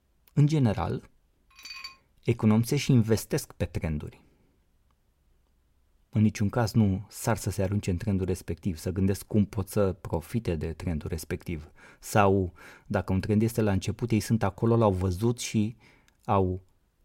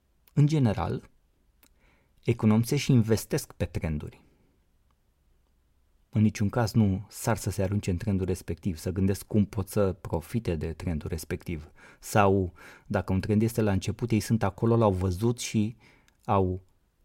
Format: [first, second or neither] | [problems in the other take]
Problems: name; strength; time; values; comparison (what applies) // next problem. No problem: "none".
second | clattering dishes; faint; at 1.5 s; peak 10 dB below the speech